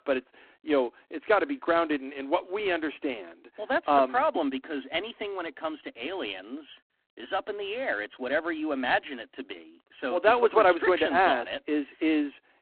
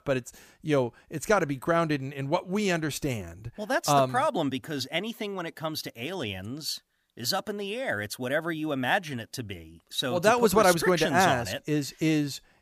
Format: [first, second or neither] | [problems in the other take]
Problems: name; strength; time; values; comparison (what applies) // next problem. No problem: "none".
second | phone-call audio; poor line